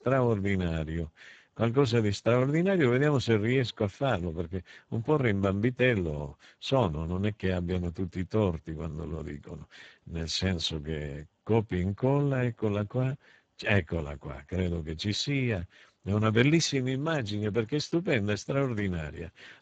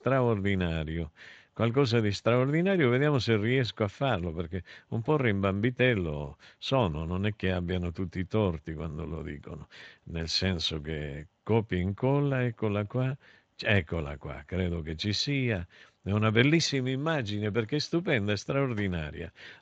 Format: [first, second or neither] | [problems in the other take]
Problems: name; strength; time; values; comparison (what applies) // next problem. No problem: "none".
second | garbled, watery; badly; nothing above 7.5 kHz; slightly in the second